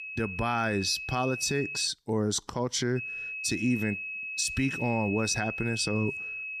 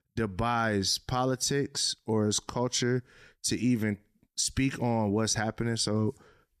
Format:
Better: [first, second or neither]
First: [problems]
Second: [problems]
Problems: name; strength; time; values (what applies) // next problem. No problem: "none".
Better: second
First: high-pitched whine; loud; until 2 s and from 3 s on; 2.5 kHz, 5 dB below the speech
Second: none